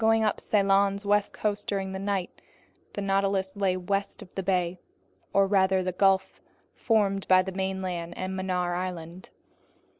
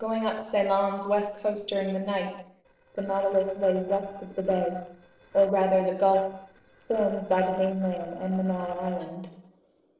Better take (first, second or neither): first